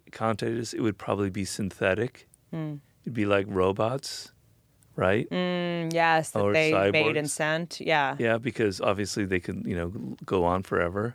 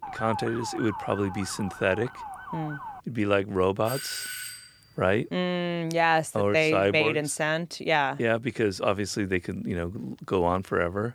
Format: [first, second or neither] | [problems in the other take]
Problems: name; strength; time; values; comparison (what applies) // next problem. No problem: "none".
first | siren; noticeable; until 3 s; peak 8 dB below the speech // doorbell; noticeable; at 4 s; peak 6 dB below the speech